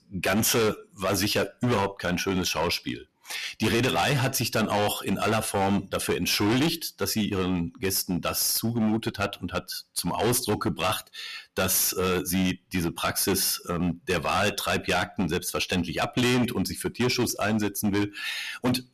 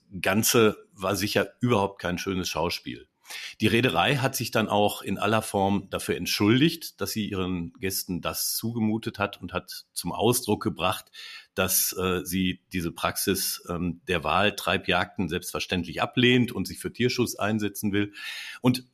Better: second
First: distortion; heavy; 13% of the sound clipped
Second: none

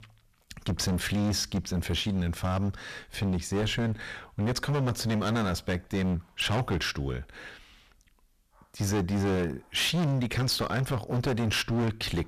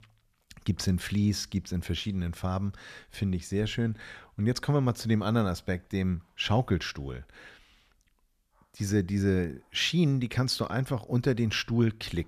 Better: second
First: distortion; heavy; 21% of the sound clipped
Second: none

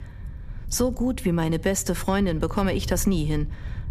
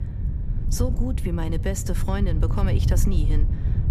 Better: first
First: wind noise on the microphone; occasional gusts; 25 dB below the speech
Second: wind noise on the microphone; heavy; 7 dB below the speech

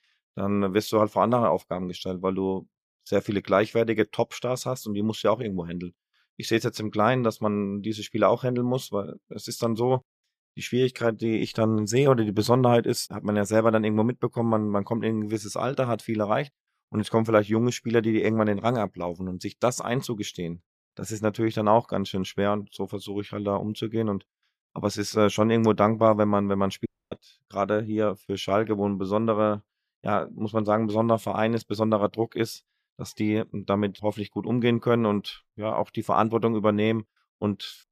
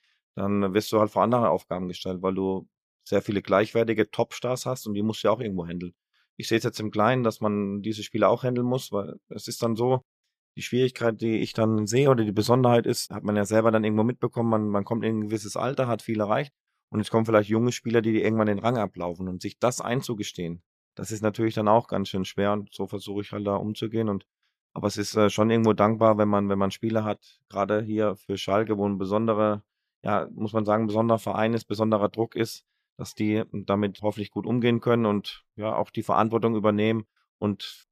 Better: second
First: audio cutting out; at 27 s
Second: none

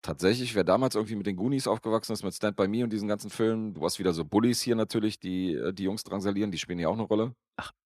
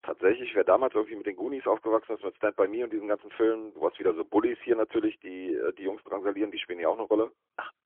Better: first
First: none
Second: phone-call audio; poor line; nothing above 3.5 kHz

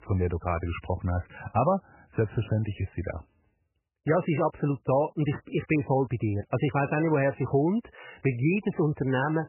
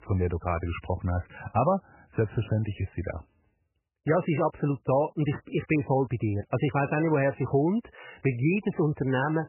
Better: neither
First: garbled, watery; badly; nothing above 3 kHz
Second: garbled, watery; badly; nothing above 3 kHz

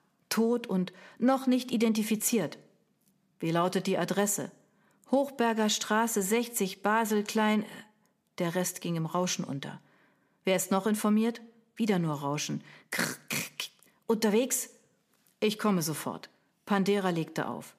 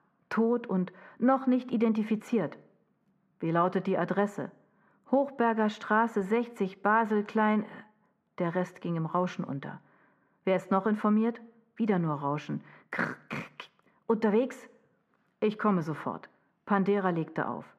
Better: first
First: none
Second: muffled; very; fading above 4 kHz

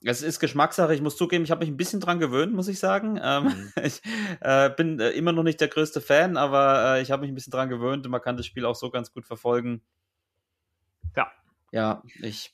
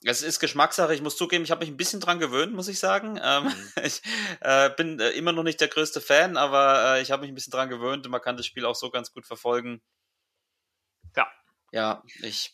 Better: first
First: none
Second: thin; very slightly; fading below 1 kHz

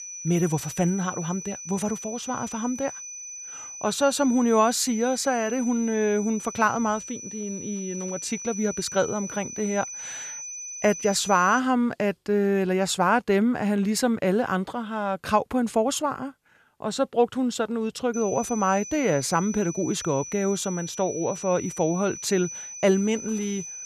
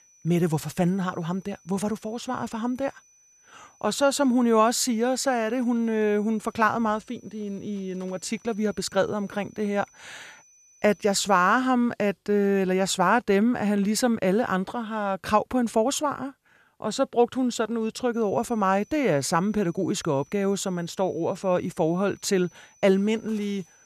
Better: second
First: high-pitched whine; loud; until 12 s and from 18 s on; 6 kHz, 10 dB below the speech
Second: high-pitched whine; faint; until 12 s and from 18 s on; 6 kHz, 30 dB below the speech

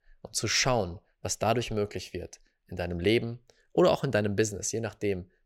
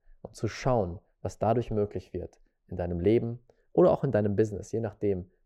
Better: first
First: none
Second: muffled; very; fading above 1.5 kHz

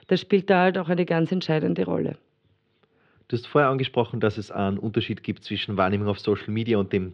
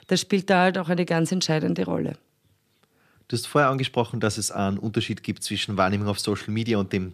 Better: second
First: muffled; slightly; fading above 3.5 kHz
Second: none

